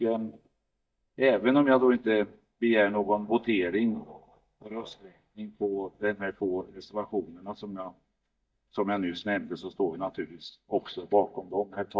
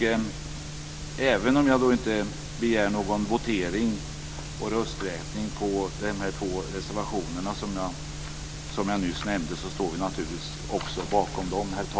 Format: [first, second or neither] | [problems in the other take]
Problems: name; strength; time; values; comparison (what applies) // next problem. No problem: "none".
second | noise reduction (neural mask model DeepFilterNet 3)